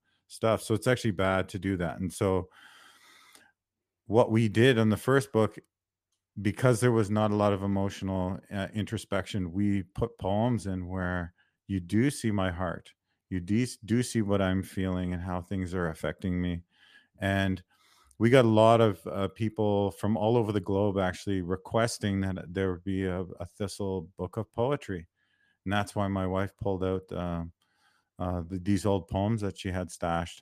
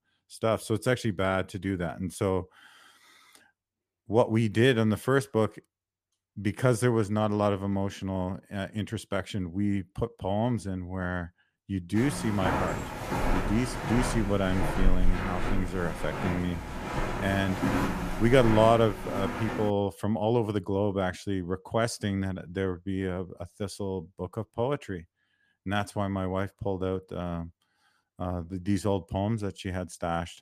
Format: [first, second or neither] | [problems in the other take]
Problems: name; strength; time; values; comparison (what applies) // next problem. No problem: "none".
first | footsteps; loud; from 12 to 20 s; peak 1 dB above the speech